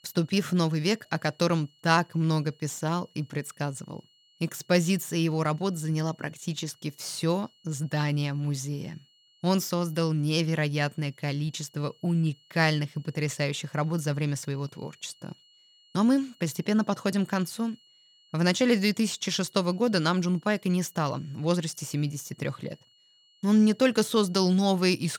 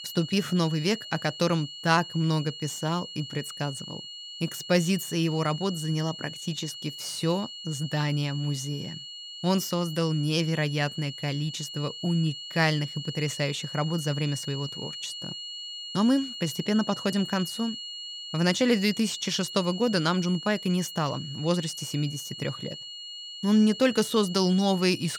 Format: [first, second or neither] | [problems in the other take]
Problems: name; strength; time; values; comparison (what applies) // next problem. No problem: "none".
first | high-pitched whine; loud; throughout; 3 kHz, 10 dB below the speech; faint in the first